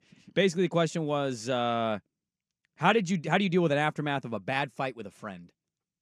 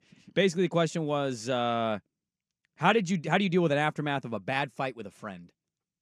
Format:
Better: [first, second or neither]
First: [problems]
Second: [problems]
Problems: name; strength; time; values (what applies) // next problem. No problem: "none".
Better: neither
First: none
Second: none